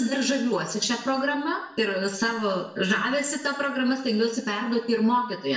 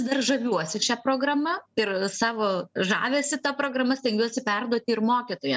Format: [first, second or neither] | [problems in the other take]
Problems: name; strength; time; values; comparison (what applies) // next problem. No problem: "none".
second | room echo; dies away in 0.7 s